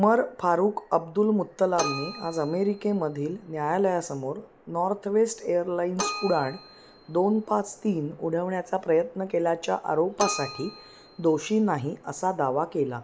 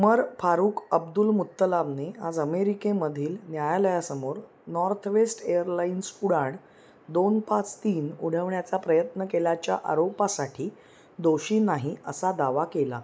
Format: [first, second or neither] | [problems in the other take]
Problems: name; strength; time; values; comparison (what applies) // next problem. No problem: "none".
second | background sound (Keyboard (musical)); 14 dB below the speech